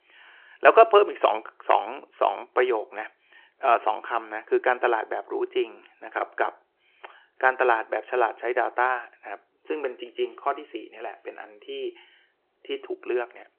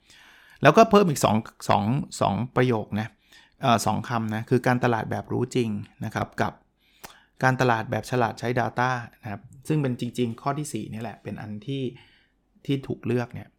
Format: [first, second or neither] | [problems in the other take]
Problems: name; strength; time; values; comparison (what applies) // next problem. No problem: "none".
second | phone-call audio